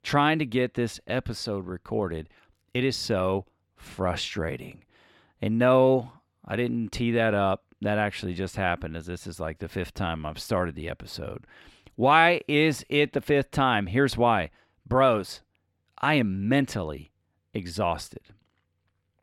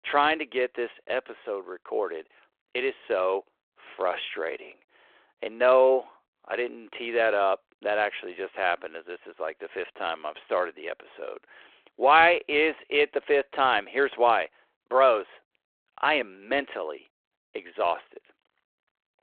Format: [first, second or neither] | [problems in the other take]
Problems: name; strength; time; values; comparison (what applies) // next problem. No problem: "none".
first | phone-call audio